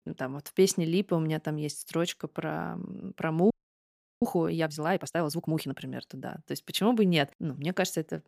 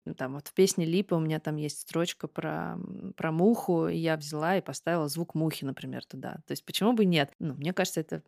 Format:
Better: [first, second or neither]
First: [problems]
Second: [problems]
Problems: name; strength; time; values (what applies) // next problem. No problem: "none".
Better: second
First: audio freezing; at 3.5 s for 0.5 s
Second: none